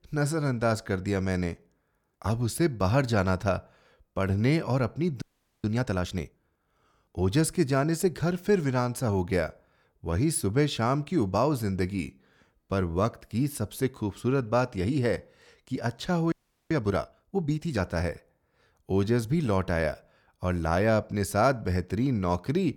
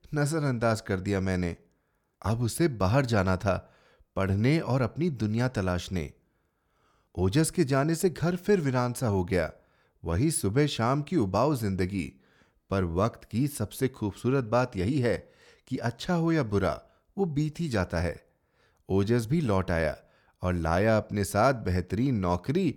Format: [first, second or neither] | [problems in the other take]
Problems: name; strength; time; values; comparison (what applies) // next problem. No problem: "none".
second | audio freezing; at 5 s and at 16 s